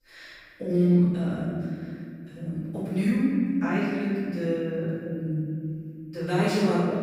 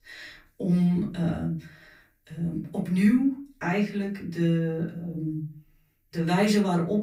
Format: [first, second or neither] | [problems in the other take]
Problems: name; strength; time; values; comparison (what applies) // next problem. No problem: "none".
second | room echo; strong; dies away in 2.3 s; slight in the second // off-mic speech; far; far in the second